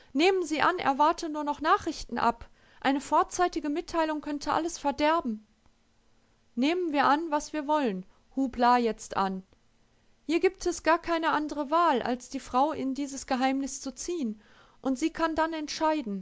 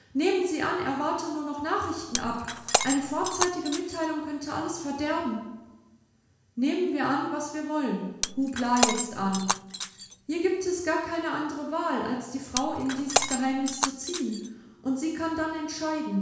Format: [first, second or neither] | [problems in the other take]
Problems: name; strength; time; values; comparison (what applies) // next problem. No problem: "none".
first | background sound (Shatter); 4 dB below the speech // room echo; dies away in 1.1 s